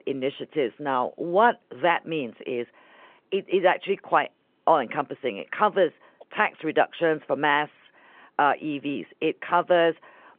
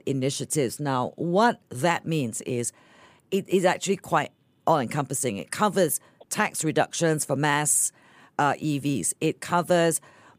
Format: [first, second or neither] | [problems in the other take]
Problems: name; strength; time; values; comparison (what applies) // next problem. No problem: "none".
second | phone-call audio